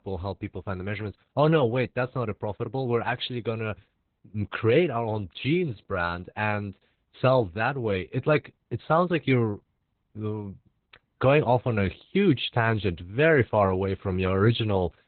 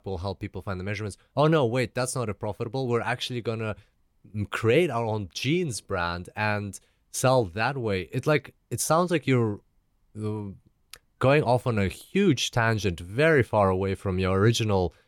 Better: second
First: garbled, watery; badly; nothing above 4 kHz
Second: none

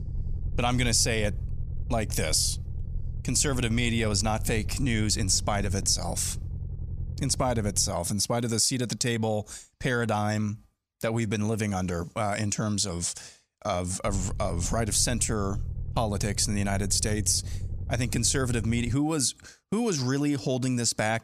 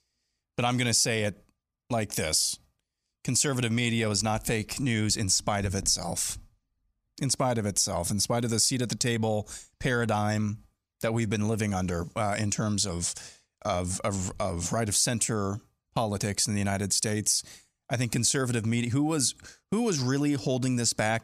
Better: second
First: low rumble; faint; until 8 s and from 14 to 19 s; 20 dB below the speech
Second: none

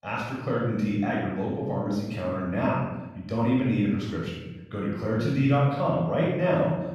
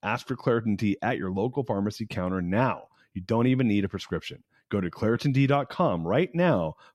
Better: second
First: room echo; strong; dies away in 1 s // off-mic speech; far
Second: none

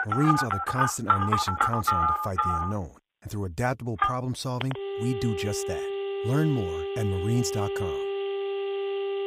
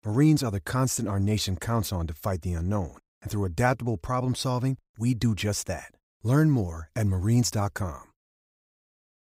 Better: second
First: alarms or sirens; very loud; throughout; 2 dB above the speech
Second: none

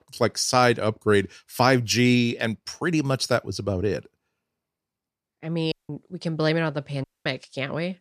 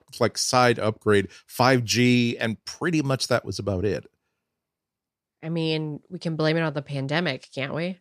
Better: second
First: audio cutting out; at 5.5 s and at 7 s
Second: none

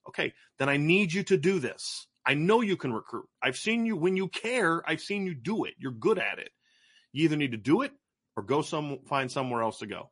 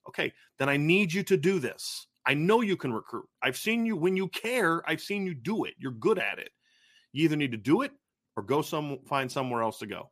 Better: second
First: garbled, watery; slightly; nothing above 10.5 kHz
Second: none

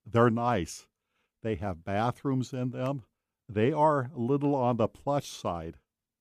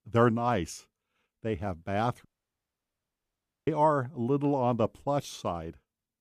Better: first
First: none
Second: audio cutting out; at 2.5 s for 1.5 s

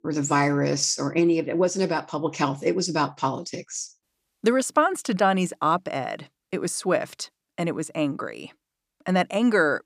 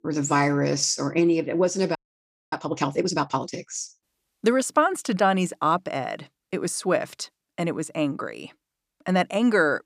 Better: first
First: none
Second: audio freezing; at 2 s for 0.5 s

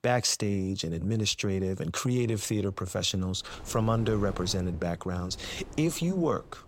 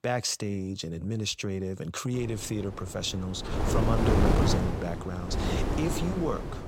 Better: first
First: wind noise on the microphone; occasional gusts; from 2 s on; 20 dB below the speech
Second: wind noise on the microphone; heavy; from 2 s on; 1 dB above the speech

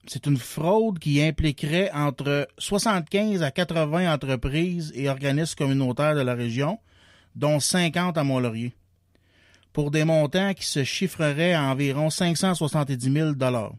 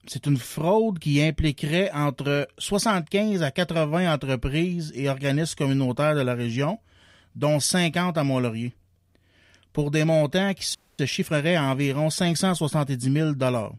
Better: first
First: none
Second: audio freezing; at 11 s

